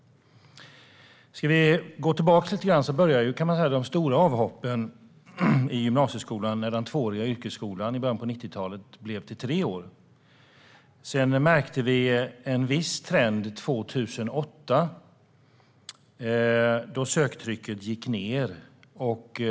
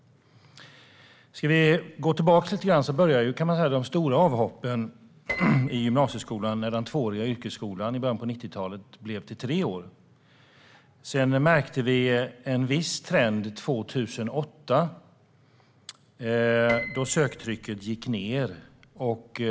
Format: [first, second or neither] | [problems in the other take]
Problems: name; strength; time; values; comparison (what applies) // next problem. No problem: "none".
first | background sound (Piano); 14 dB below the speech